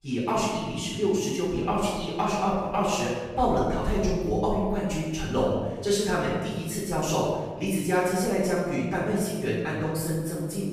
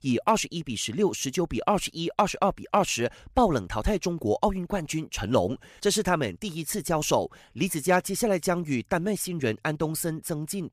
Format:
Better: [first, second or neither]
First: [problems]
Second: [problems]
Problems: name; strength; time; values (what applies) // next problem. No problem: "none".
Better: second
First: room echo; strong; dies away in 1.2 s // off-mic speech; far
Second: none